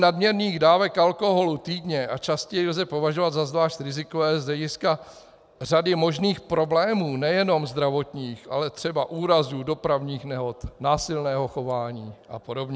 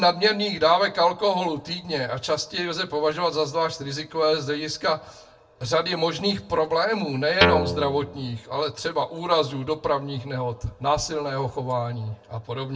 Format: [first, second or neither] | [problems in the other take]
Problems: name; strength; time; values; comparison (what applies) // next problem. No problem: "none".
first | background sound (Guitar); 1 dB above the speech // room echo; dies away in 0.2 s